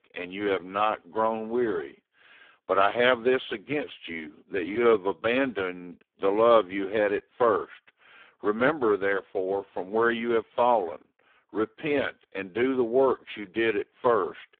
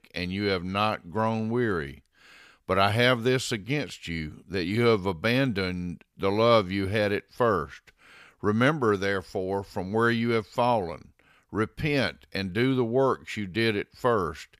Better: second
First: phone-call audio; poor line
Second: none

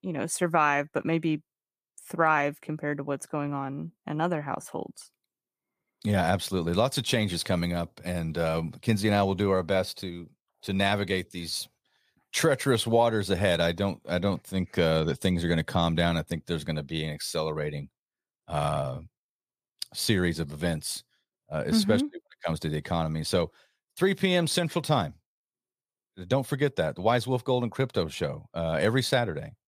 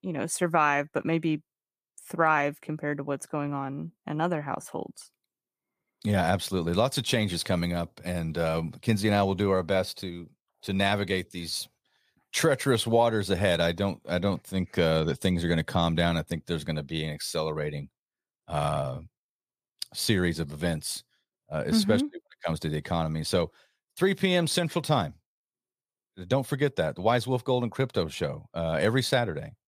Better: neither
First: none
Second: none

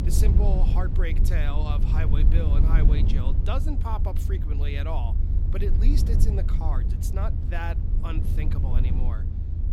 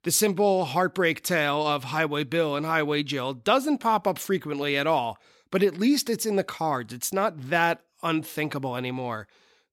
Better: second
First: low rumble; loud; throughout; 4 dB below the speech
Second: none

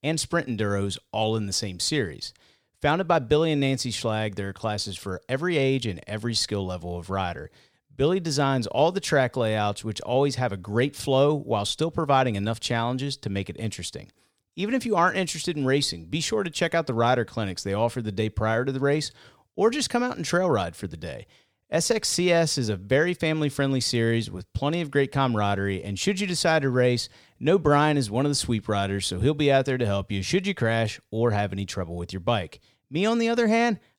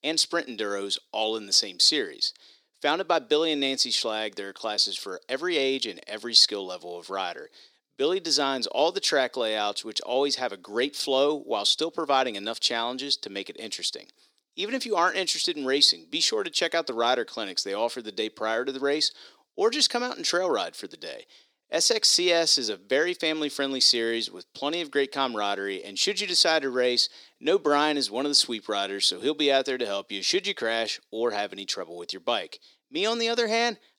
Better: first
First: none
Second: thin; somewhat; fading below 300 Hz

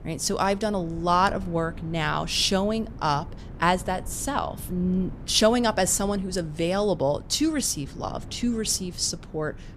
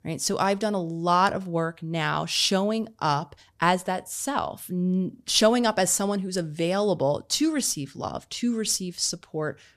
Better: second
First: wind noise on the microphone; occasional gusts; 25 dB below the speech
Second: none

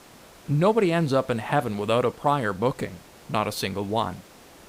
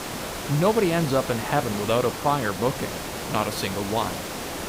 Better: first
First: hiss; faint; throughout; 25 dB below the speech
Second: hiss; loud; throughout; 6 dB below the speech

